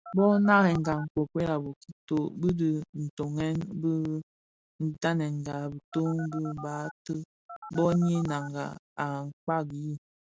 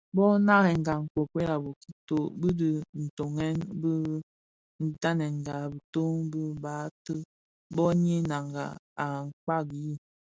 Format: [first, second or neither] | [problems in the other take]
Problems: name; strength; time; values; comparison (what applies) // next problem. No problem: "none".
second | background sound (Telephone); 15 dB below the speech